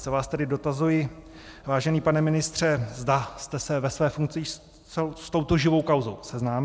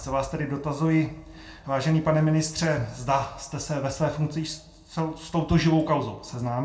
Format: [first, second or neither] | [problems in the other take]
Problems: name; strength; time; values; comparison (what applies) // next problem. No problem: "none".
first | room echo; dies away in 0.3 s